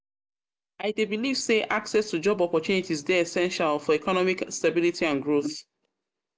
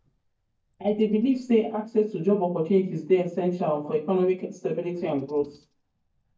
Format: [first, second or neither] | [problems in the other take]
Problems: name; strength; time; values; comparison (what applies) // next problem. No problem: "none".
first | noise reduction (neural mask model DeepFilterNet 3)